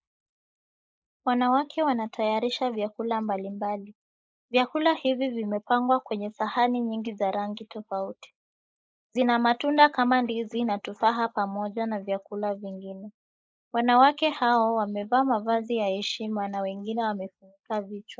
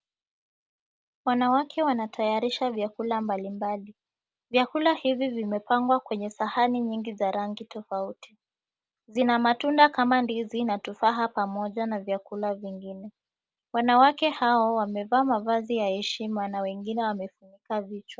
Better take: second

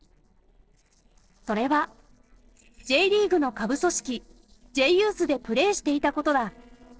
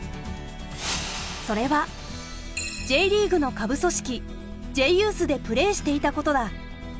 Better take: second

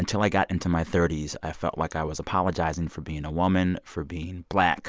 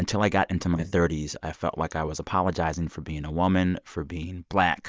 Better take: first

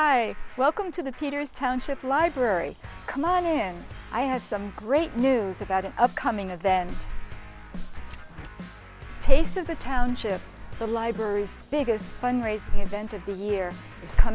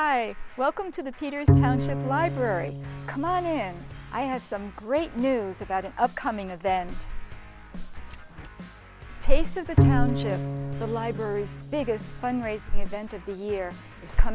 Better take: first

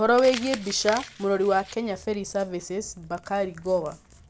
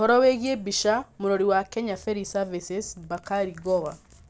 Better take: second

